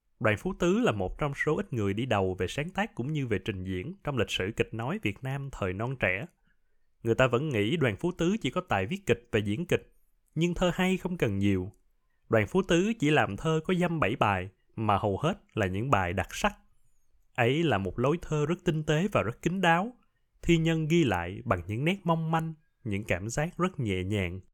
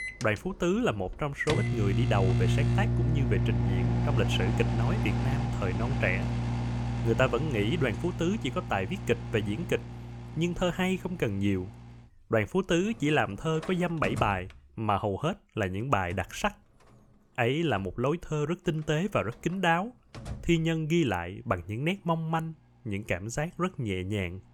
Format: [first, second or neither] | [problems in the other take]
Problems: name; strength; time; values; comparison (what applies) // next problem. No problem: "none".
first | household noises; loud; throughout; 1 dB below the speech